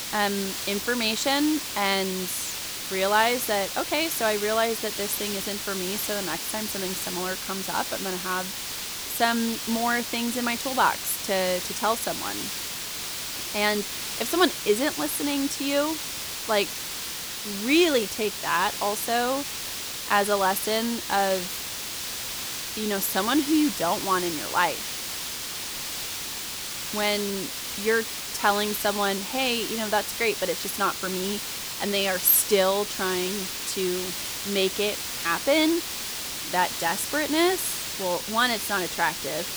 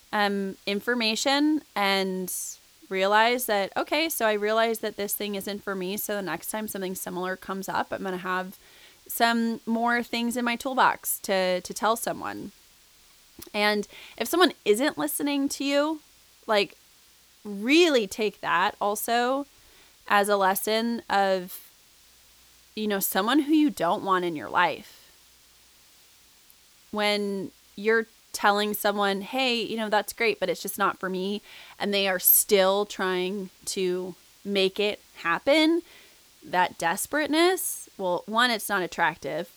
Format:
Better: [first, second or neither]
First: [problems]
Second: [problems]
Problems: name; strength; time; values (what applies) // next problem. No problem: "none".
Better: second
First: hiss; loud; throughout; 4 dB below the speech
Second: hiss; faint; throughout; 30 dB below the speech